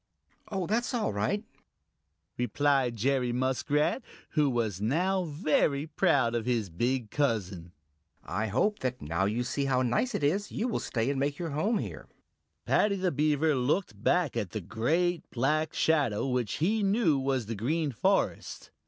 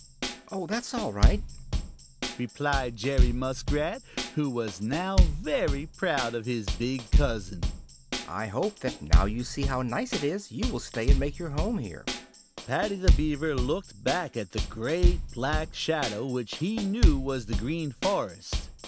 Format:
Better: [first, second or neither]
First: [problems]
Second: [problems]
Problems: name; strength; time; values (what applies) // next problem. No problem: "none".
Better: first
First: none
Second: background sound (Drum kit); 3 dB above the speech